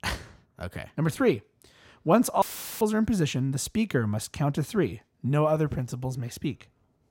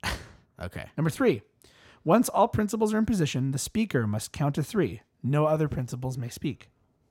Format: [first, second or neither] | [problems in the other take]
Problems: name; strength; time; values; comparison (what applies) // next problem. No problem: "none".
second | audio cutting out; filled with static; at 2.5 s